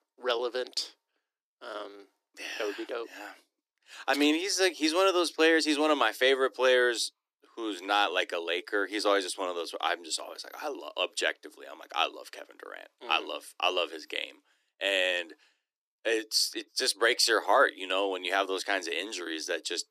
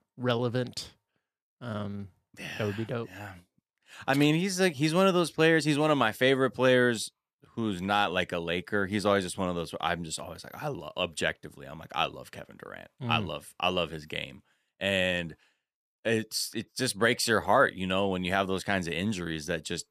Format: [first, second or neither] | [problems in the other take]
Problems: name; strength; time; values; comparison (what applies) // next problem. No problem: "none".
second | thin; somewhat; fading below 300 Hz